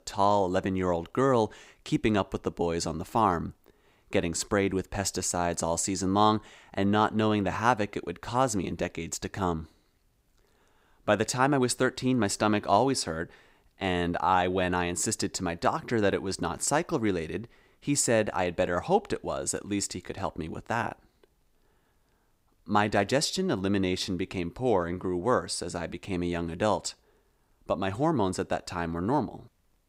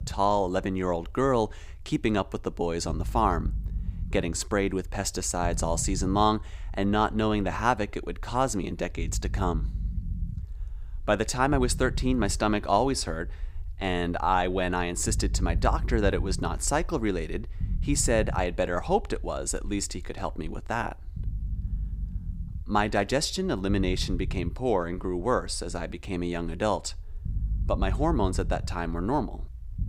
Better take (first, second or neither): first